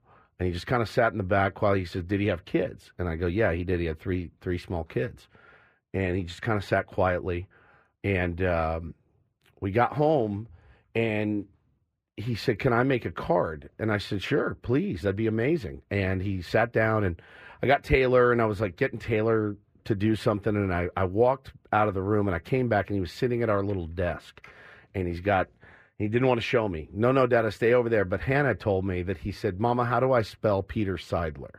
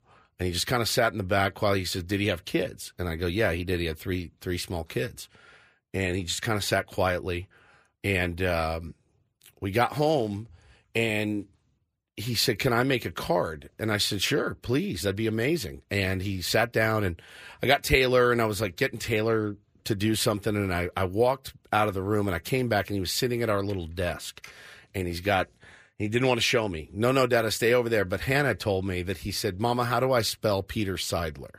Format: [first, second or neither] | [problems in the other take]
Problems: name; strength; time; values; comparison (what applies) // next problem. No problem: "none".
second | muffled; very; fading above 3.5 kHz